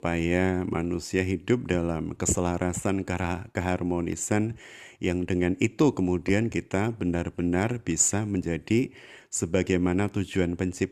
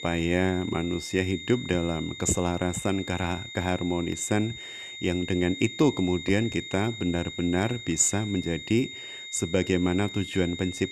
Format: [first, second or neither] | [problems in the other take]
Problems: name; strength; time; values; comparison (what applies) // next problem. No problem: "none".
first | high-pitched whine; noticeable; throughout; 3.5 kHz, 10 dB below the speech